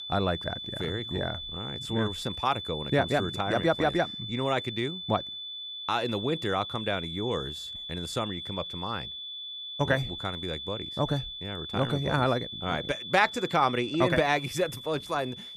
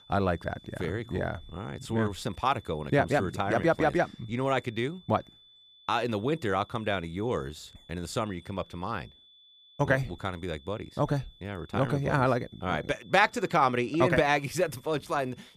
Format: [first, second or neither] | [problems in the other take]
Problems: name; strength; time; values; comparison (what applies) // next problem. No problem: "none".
second | high-pitched whine; loud; throughout; 3.5 kHz, 7 dB below the speech; faint in the second